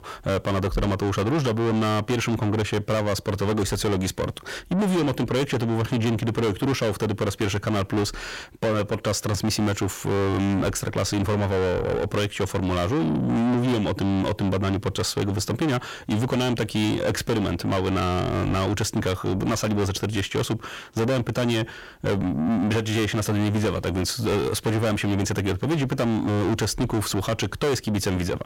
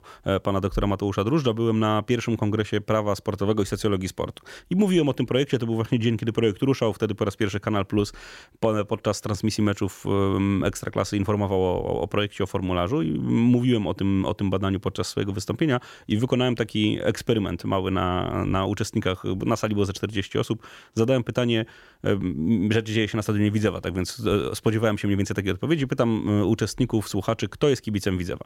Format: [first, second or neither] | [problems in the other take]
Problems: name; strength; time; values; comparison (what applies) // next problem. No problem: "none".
second | distortion; heavy; 6 dB below the speech